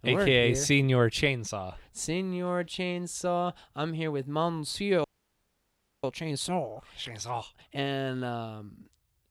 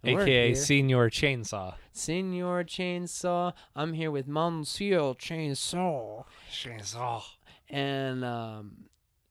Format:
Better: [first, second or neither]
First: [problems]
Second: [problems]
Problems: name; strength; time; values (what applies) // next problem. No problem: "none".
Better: second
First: audio freezing; at 5 s for 1 s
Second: none